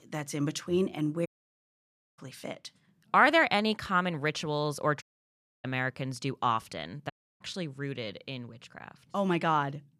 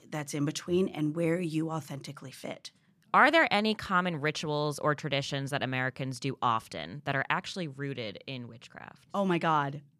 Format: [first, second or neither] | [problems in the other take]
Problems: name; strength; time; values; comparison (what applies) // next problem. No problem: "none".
second | audio cutting out; at 1.5 s for 1 s, at 5 s for 0.5 s and at 7 s